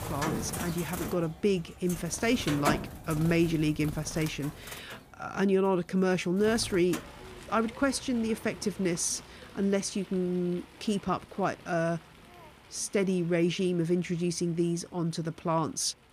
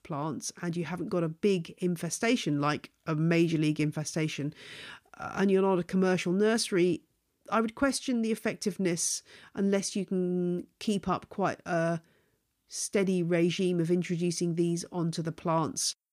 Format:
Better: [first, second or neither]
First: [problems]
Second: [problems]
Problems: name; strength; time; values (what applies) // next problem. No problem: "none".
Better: second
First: animal sounds; noticeable; throughout; 10 dB below the speech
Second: none